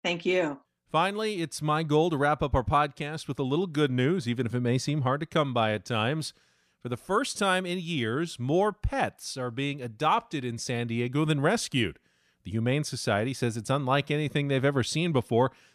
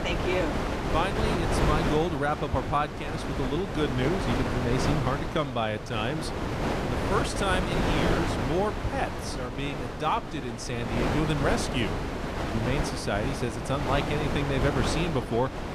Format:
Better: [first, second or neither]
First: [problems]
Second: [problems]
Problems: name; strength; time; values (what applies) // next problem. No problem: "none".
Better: first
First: none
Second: wind noise on the microphone; heavy; 1 dB below the speech